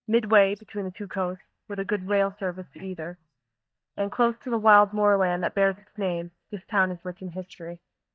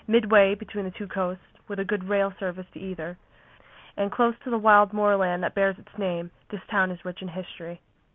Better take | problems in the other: second | noise reduction (neural mask model DeepFilterNet 3)

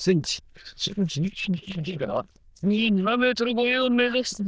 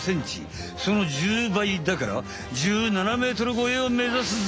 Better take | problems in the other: second | noise reduction (neural diffusion model UNIVERSE++)

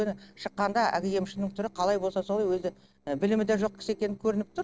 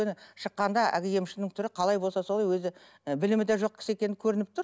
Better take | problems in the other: second | noise reduction (neural separator model SepFormer DNS4)

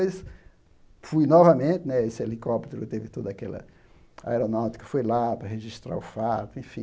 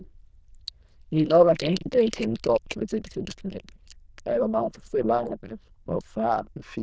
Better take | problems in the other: first | noise reduction (neural diffusion model UNIVERSE++)

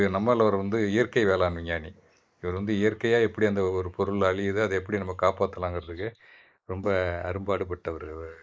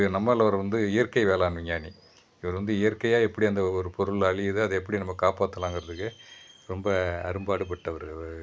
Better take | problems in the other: second | noise reduction (neural mask model Resemble Enhance denoiser)

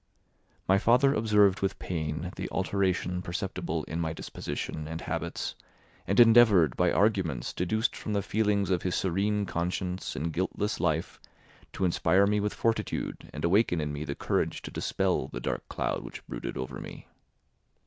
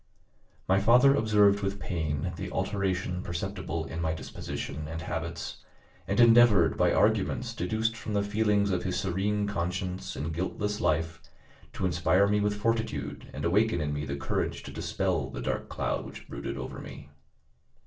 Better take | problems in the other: first | room echo; dies away in 0.3 s

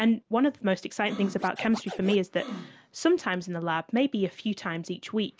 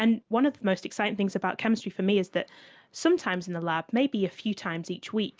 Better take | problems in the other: second | background sound (Scratching (performance technique)); 14 dB below the speech

